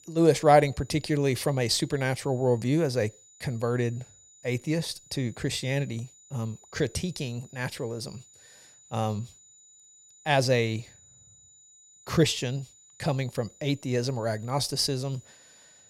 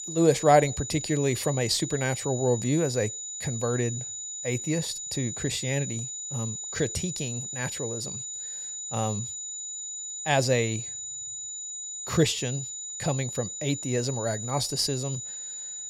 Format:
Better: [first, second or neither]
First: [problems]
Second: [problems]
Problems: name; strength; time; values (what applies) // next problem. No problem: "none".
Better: first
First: high-pitched whine; faint; throughout; 7 kHz, 25 dB below the speech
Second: high-pitched whine; loud; throughout; 7 kHz, 6 dB below the speech